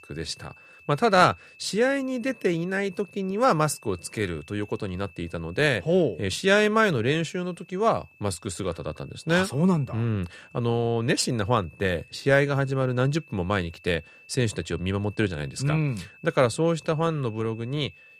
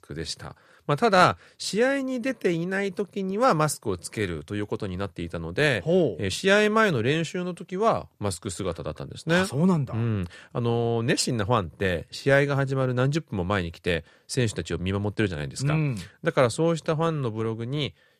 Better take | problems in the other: second | high-pitched whine; faint; throughout; 2.5 kHz, 25 dB below the speech

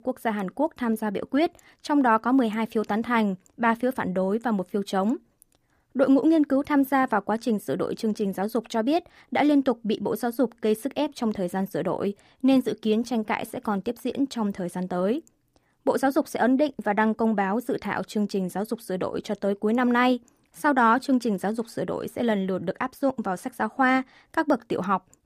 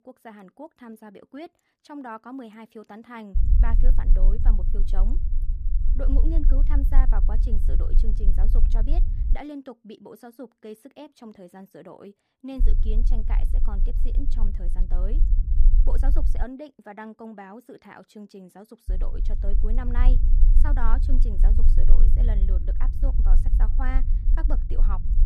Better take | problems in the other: first | low rumble; loud; from 3.5 to 9.5 s, from 13 to 16 s and from 19 s on; 7 dB below the speech

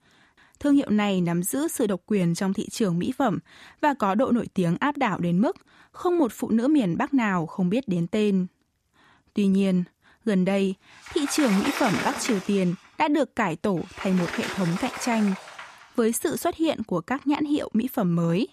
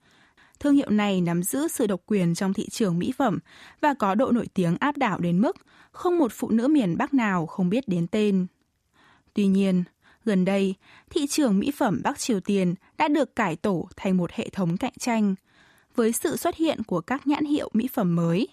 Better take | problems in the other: second | door banging; noticeable; from 11 to 16 s; peak 3 dB below the speech

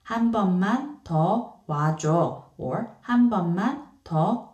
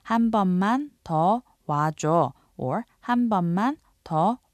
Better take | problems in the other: second | room echo; very slight; dies away in 0.3 s // off-mic speech; somewhat distant

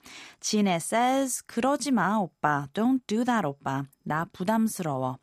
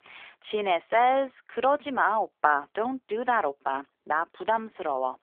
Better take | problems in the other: first | phone-call audio; nothing above 3.5 kHz

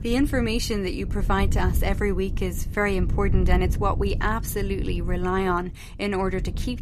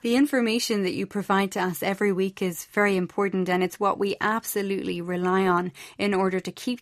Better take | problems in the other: second | wind noise on the microphone; occasional gusts; 15 dB below the speech

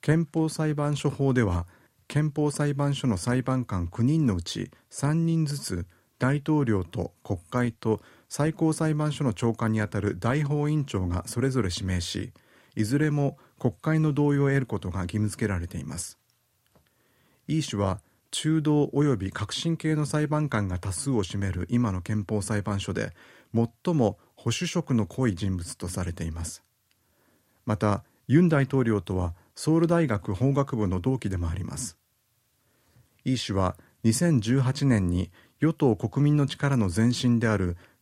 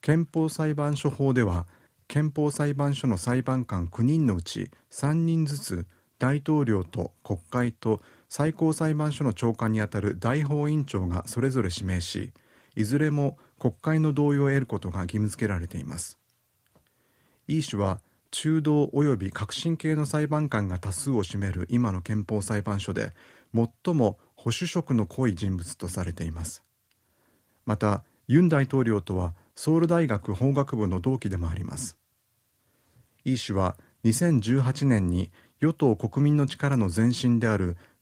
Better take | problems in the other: first | garbled, watery; slightly; nothing above 16 kHz

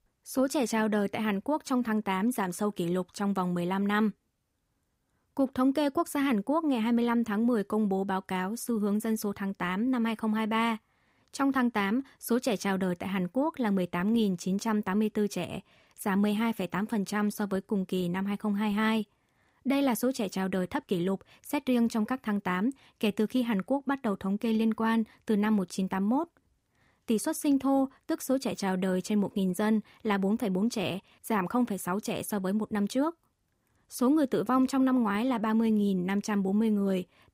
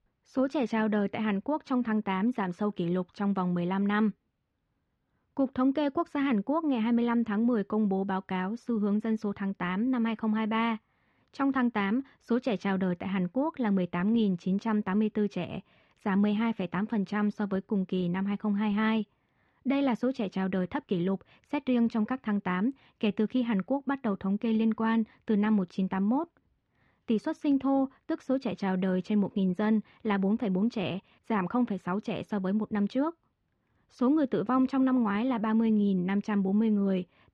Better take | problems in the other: first | muffled; slightly; fading above 3.5 kHz

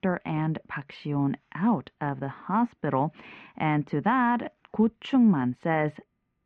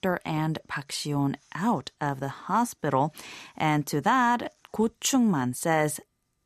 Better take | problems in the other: second | muffled; very; fading above 2.5 kHz

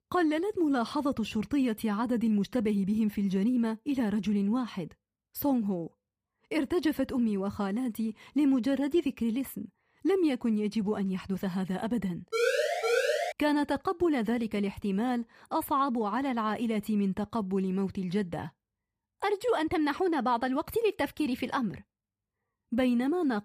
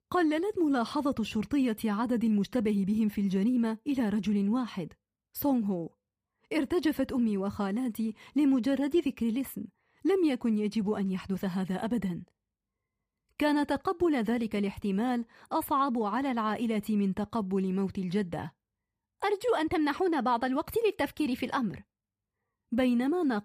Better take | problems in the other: second | siren; loud; at 12 s; peak 3 dB above the speech

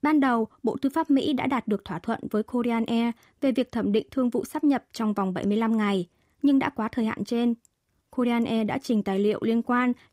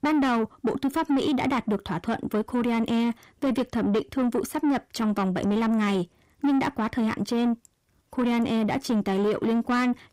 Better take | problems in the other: first | distortion; slight; 10 dB below the speech

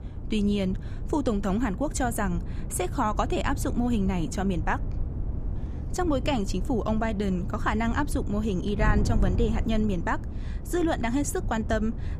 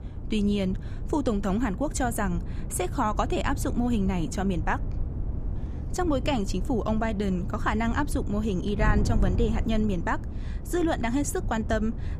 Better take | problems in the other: neither | wind noise on the microphone; occasional gusts; 15 dB below the speech; the same in both

